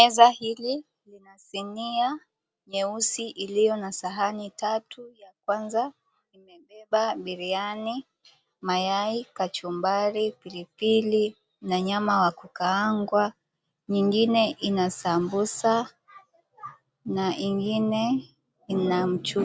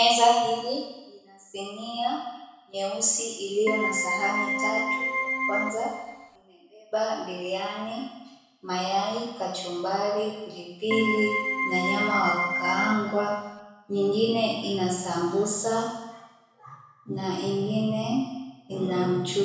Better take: first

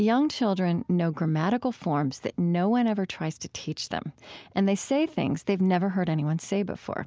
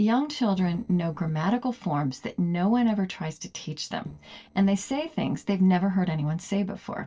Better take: first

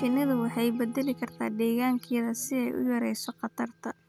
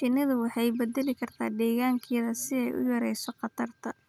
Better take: second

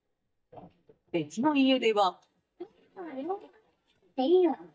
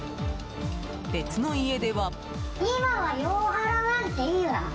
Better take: second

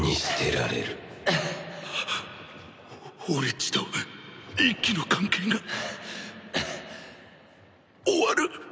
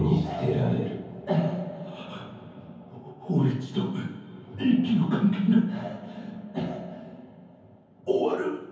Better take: first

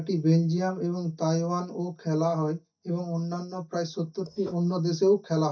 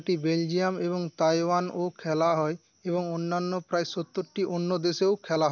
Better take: second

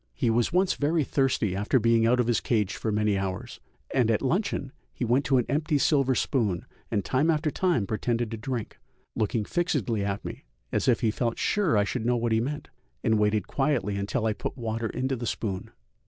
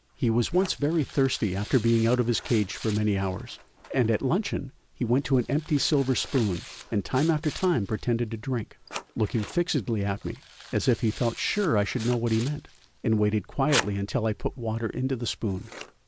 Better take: first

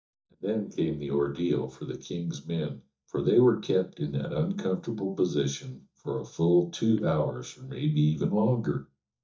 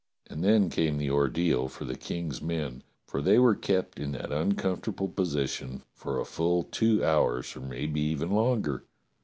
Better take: second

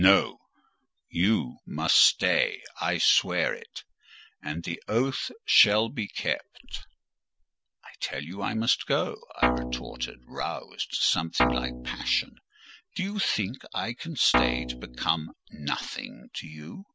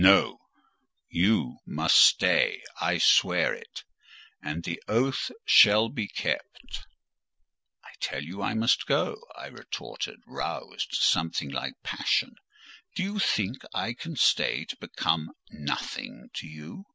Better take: second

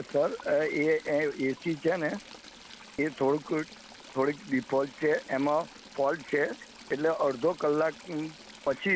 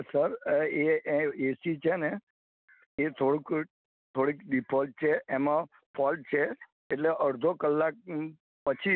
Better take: second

